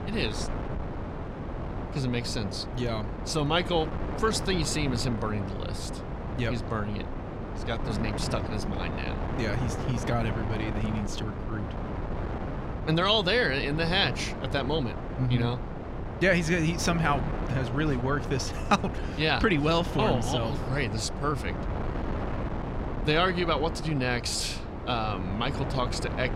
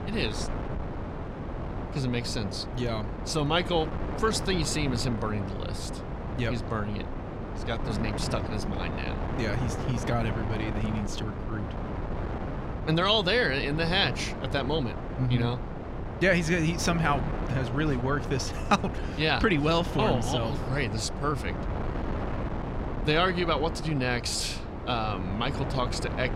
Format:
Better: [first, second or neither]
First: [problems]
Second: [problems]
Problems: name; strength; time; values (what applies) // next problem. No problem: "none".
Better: neither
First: wind noise on the microphone; heavy; 9 dB below the speech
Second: wind noise on the microphone; heavy; 9 dB below the speech